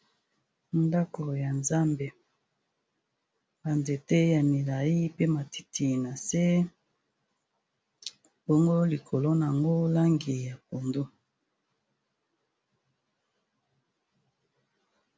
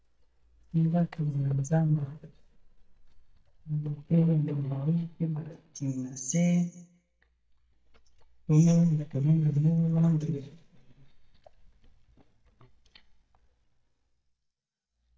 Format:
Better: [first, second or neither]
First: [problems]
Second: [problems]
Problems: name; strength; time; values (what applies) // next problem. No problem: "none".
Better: first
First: none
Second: noise reduction (neural mask model DeepFilterNet 3)